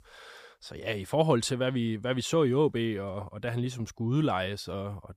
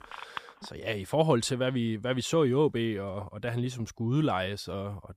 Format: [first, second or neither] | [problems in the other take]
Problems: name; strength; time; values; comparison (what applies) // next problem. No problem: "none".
first | phone ringing; faint; at the start; peak 10 dB below the speech